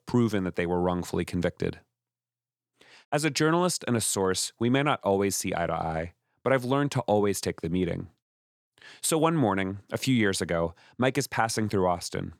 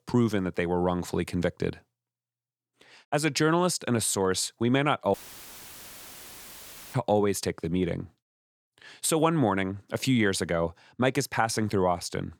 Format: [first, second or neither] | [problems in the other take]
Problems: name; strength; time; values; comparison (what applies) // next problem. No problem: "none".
first | audio cutting out; filled with static; at 5 s for 2 s